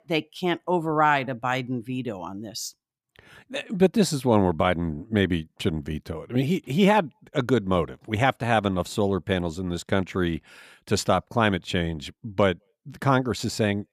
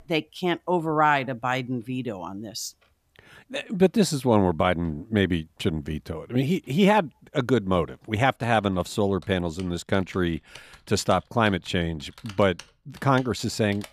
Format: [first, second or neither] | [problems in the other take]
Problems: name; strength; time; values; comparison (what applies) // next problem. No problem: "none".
first | household noises; faint; throughout; 25 dB below the speech